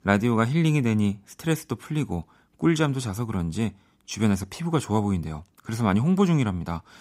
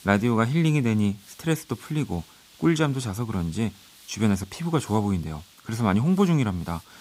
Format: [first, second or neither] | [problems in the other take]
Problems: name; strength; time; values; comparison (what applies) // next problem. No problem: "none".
first | hiss; faint; throughout; 25 dB below the speech